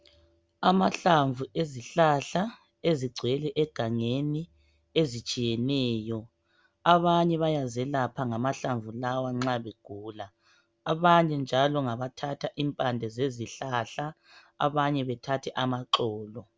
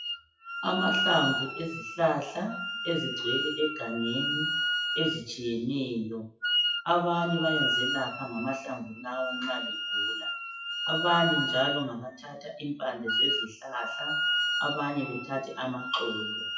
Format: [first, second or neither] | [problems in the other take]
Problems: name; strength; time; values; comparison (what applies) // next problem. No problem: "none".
first | noise reduction (classical method WPE with log-MMSE)